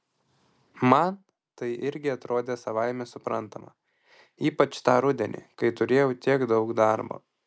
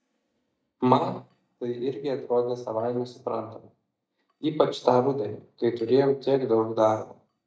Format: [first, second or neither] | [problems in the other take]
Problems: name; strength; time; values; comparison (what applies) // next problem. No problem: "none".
first | noise reduction (neural mask model DeepFilterNet 3)